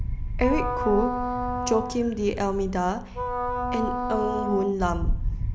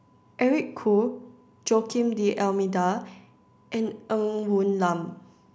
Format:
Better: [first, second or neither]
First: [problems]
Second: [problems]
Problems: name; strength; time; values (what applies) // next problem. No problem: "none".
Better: second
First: background sound (Wind instrument, woodwind instrument + Wind); 1 dB below the speech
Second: none